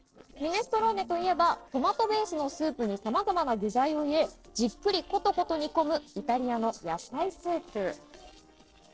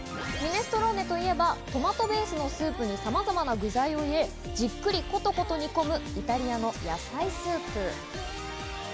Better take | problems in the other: second | noise reduction (neural separator model SepFormer DNS4)

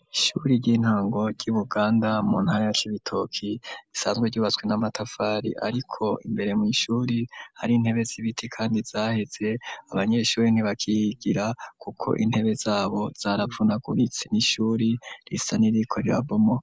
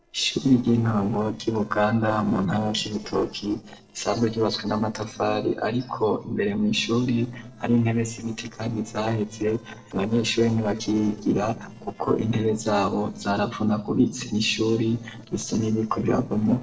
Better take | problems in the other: first | noise reduction (neural separator model SepFormer DNS4)

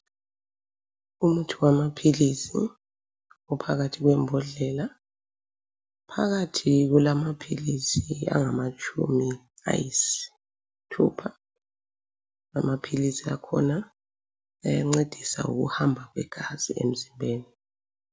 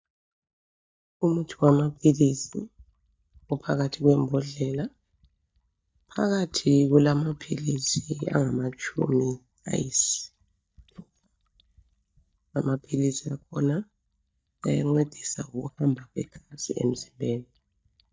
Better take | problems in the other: first | noise reduction (neural mask model DeepFilterNet 3)

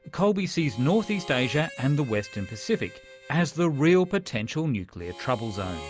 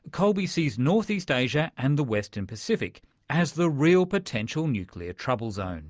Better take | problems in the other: second | background sound (Harmonica); 19 dB below the speech

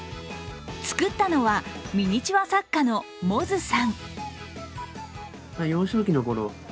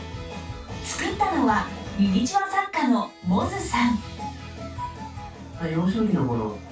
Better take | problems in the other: first | room echo; dies away in 0.2 s

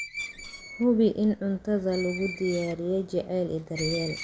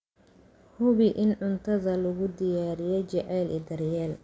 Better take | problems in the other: second | background sound (Screech); 12 dB below the speech

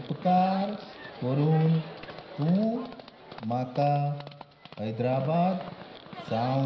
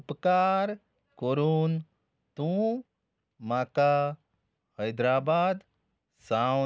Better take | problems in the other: second | background sound (Livestock, farm animals, working animals); 16 dB below the speech // room echo; dies away in 0.9 s

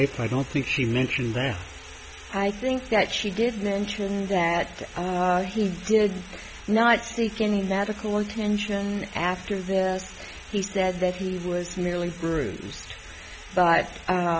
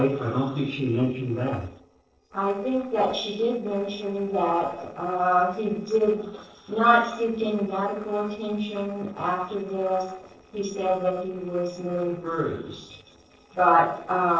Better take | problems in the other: first | noise reduction (neural separator model SepFormer DNS4)

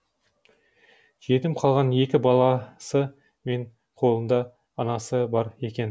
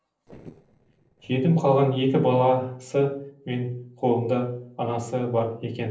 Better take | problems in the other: first | noise reduction (neural separator model SepFormer DNS4)

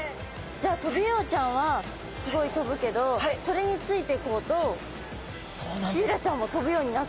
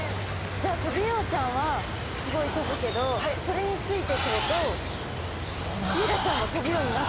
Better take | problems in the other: first | background sound (Water); 1 dB below the speech

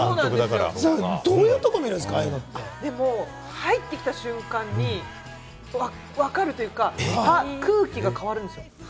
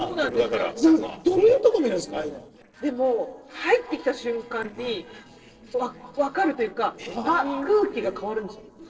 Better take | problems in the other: first | noise reduction (neural separator model SepFormer DNS4)

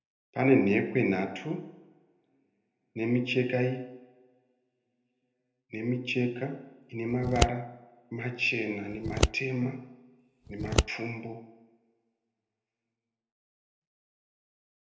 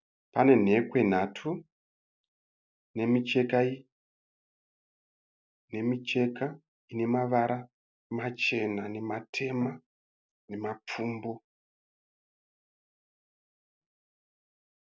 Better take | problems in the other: second | background sound (Scissors); 1 dB above the speech // room echo; dies away in 0.7 s

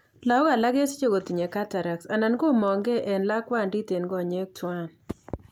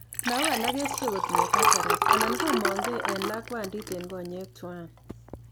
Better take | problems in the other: first | background sound (Liquid); 5 dB above the speech

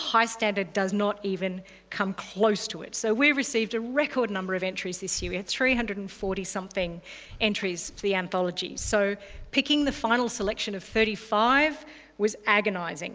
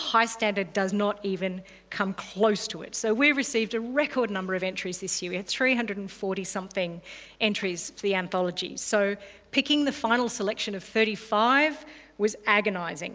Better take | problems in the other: second | background sound (Breathing); 18 dB below the speech

